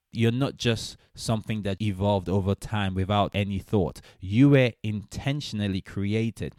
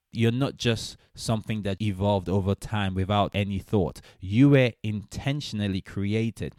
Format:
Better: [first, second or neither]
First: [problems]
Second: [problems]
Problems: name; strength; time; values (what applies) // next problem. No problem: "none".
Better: neither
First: none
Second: none